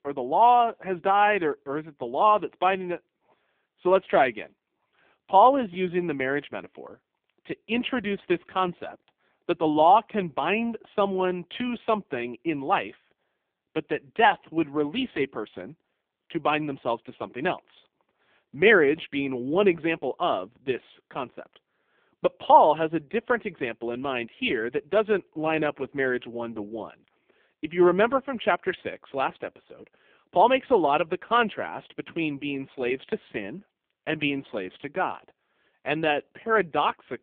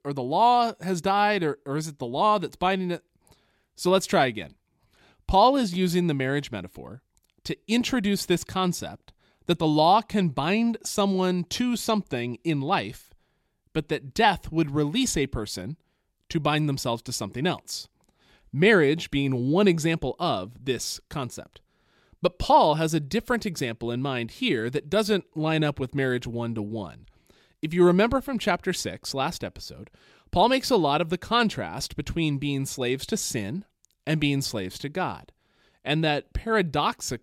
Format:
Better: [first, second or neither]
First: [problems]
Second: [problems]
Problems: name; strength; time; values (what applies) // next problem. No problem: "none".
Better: second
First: phone-call audio; poor line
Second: none